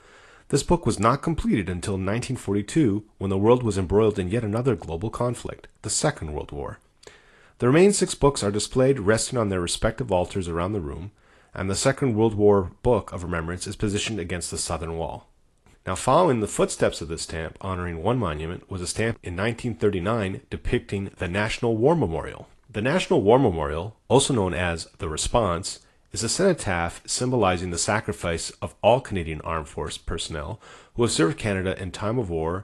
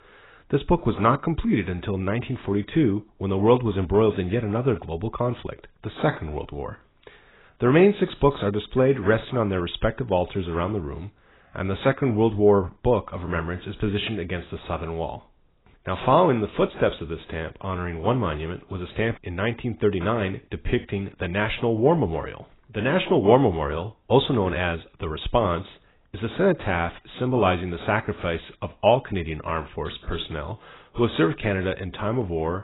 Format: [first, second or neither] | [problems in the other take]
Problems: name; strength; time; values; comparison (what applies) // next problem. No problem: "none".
first | garbled, watery; badly; nothing above 4 kHz; slightly in the first